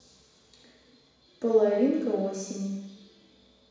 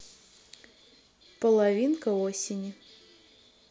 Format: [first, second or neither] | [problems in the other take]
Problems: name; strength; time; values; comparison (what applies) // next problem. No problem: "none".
second | room echo; dies away in 1.1 s